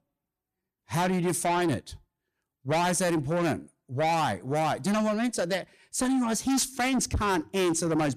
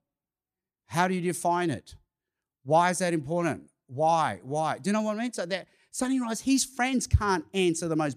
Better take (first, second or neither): second